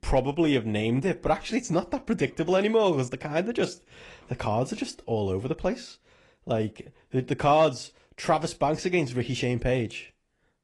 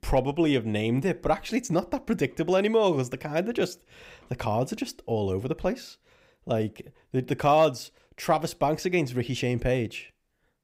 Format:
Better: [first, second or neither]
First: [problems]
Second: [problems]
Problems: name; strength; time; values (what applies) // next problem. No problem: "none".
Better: second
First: garbled, watery; slightly; nothing above 10.5 kHz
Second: none